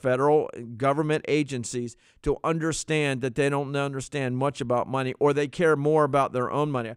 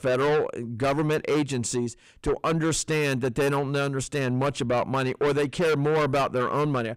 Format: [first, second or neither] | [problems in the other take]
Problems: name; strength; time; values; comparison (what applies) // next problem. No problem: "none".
first | distortion; heavy; 7 dB below the speech